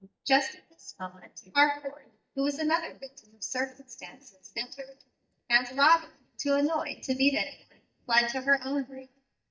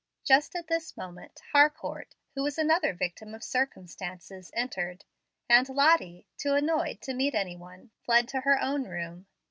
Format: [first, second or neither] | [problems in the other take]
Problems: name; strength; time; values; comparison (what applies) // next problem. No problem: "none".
second | noise reduction (neural mask model DeepFilterNet 3)